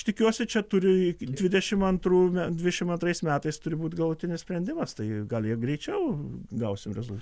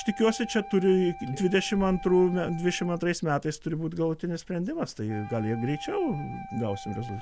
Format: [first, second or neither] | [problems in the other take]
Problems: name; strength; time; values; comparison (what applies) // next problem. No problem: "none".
first | background sound (Wind instrument, woodwind instrument); 16 dB below the speech